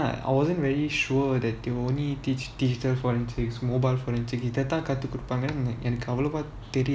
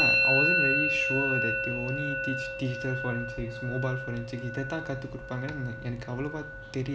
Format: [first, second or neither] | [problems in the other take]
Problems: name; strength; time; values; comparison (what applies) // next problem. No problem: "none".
first | background sound (Musical instrument); 3 dB above the speech